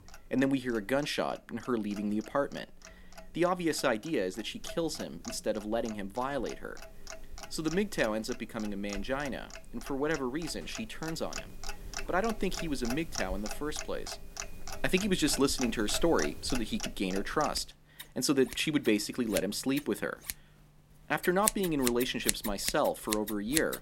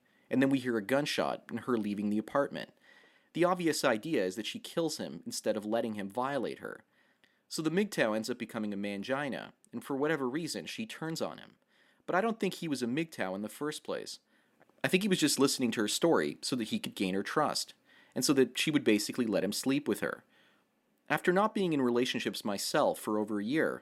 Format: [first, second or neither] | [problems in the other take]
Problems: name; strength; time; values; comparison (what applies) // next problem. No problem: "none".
second | household noises; loud; throughout; 8 dB below the speech